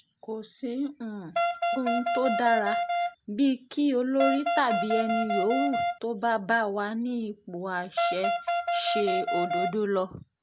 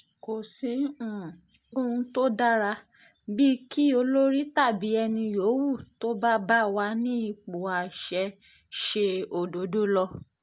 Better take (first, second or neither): second